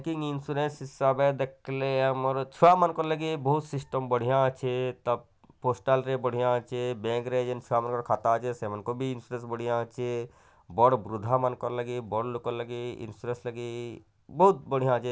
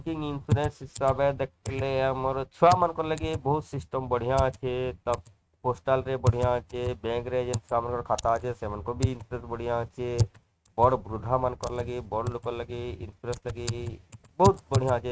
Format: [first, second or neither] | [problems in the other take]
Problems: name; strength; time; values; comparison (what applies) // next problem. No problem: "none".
first | noise reduction (neural mask model RNNoise)